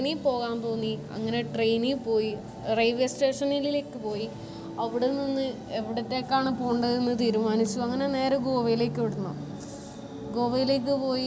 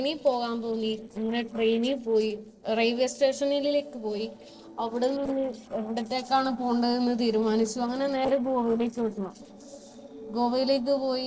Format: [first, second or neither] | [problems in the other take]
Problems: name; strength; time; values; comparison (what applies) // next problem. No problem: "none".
first | noise reduction (neural separator model SepFormer DNS4)